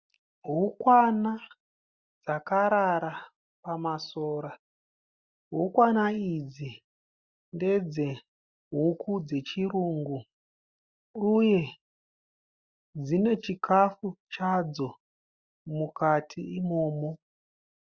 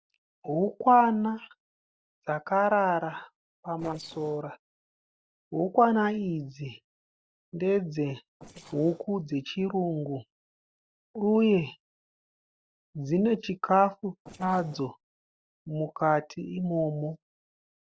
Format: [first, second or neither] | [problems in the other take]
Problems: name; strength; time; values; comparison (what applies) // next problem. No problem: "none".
first | noise reduction (neural separator model SepFormer DNS4)